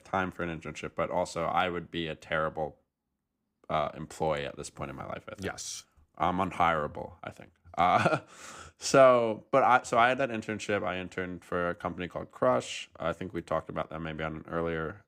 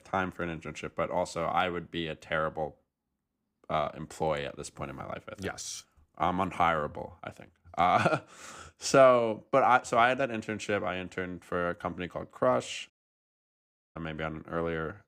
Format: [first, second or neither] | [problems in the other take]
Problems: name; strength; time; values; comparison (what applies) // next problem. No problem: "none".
first | audio cutting out; at 13 s for 1 s